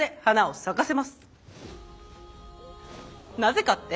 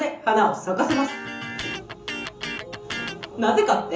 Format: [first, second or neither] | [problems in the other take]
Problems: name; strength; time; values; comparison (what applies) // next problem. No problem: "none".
first | background sound (Electric guitar); 9 dB below the speech // room echo; dies away in 0.8 s